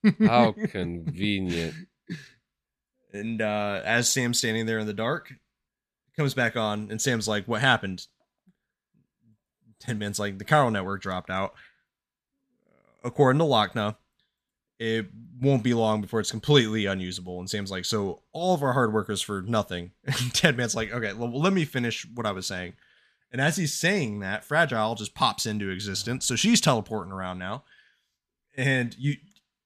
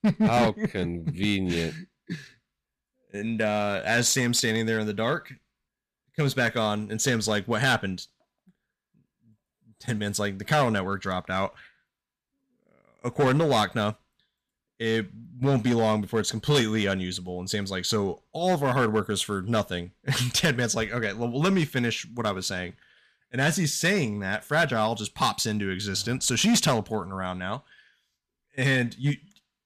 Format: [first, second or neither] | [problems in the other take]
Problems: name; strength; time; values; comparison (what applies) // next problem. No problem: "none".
first | distortion; slight; 4% of the sound clipped